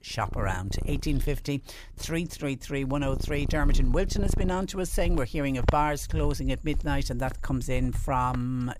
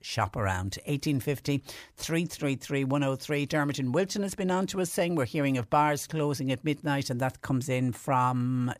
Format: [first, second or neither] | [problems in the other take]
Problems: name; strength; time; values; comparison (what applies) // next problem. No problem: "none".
second | animal sounds; loud; throughout; 4 dB below the speech